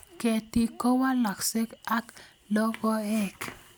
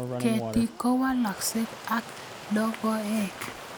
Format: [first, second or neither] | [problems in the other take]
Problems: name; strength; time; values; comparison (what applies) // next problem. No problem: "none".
first | background sound (Stream); 9 dB below the speech